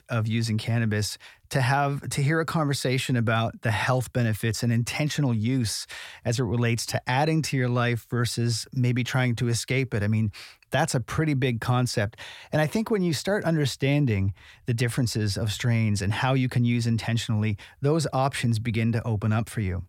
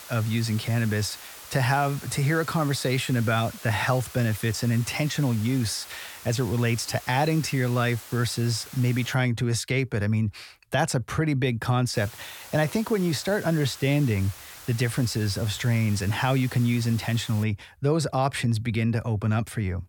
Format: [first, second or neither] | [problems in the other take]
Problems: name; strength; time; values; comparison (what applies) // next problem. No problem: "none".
first | hiss; noticeable; until 9 s and from 12 to 17 s; 15 dB below the speech